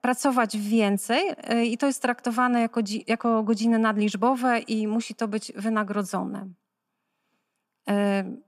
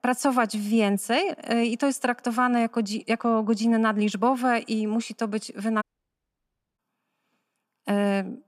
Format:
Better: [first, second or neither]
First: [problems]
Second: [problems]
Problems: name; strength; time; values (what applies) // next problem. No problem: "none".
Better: first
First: none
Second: audio cutting out; at 6 s for 1 s